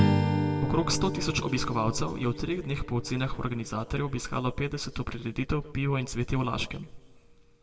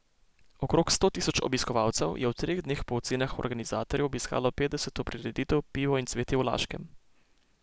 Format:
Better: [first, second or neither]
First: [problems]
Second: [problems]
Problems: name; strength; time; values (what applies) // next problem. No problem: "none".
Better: second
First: background sound (Strum); 3 dB below the speech // room echo; dies away in 1 s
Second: none